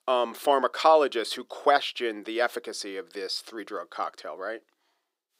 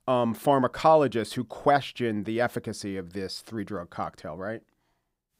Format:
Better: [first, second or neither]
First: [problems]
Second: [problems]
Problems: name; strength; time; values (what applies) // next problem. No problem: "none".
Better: second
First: thin; somewhat; fading below 350 Hz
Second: none